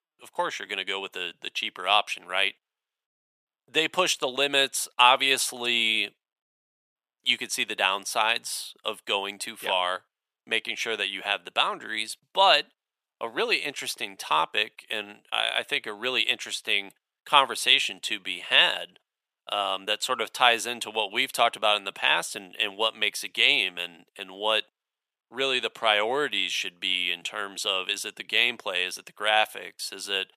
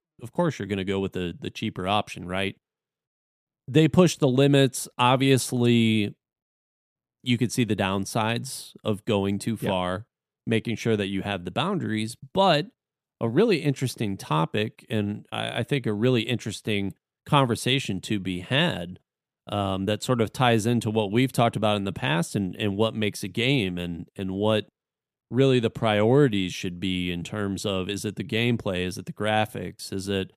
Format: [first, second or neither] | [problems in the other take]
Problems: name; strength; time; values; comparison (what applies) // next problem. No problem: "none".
second | thin; very; fading below 850 Hz